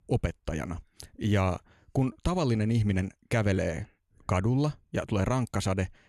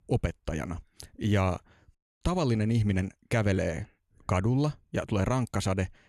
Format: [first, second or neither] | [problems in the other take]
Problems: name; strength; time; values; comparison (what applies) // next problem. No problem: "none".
first | audio cutting out; at 2 s